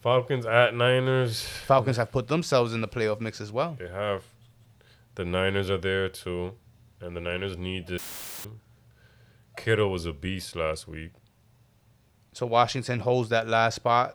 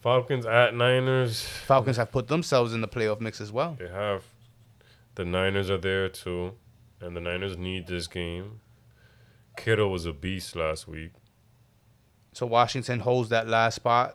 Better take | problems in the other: second | audio cutting out; filled with static; at 8 s

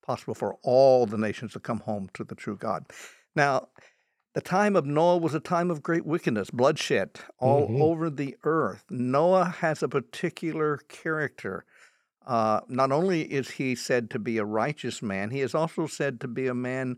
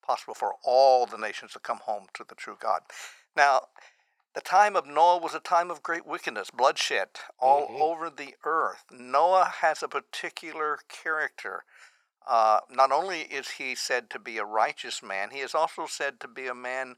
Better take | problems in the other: first | thin; very; fading below 850 Hz

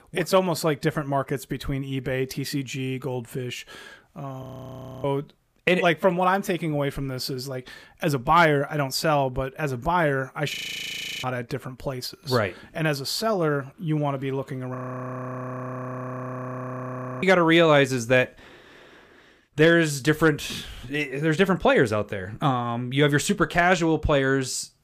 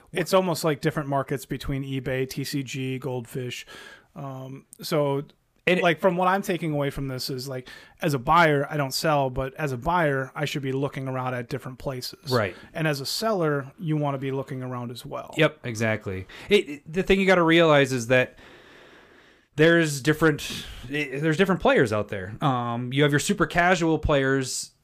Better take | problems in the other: second | audio freezing; at 4.5 s for 0.5 s, at 11 s for 0.5 s and at 15 s for 2.5 s

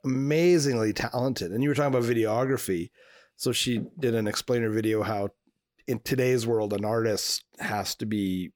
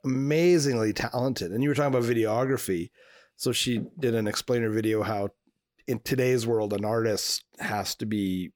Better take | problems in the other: neither | none

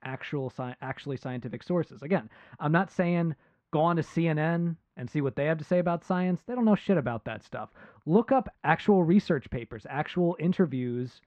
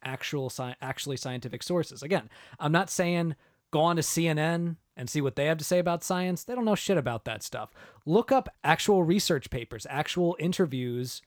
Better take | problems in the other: second | muffled; very; fading above 2 kHz

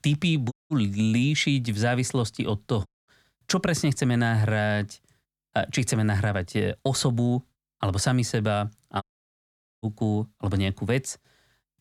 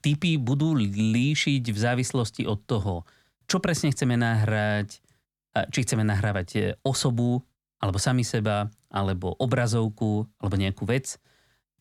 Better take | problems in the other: second | audio cutting out; at 0.5 s, at 3 s and at 9 s for 1 s

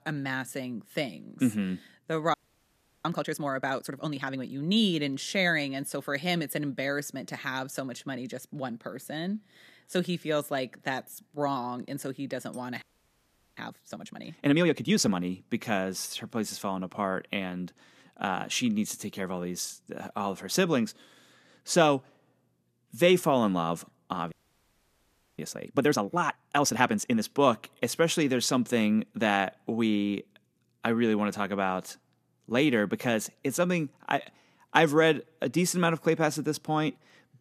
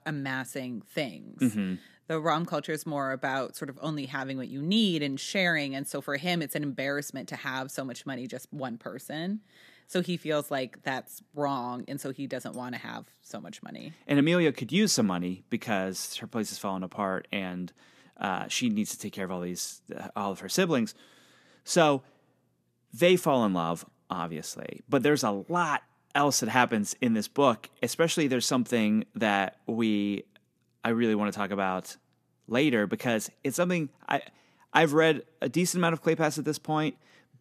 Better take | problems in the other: second | audio freezing; at 2.5 s for 0.5 s, at 13 s for 1 s and at 24 s for 1 s

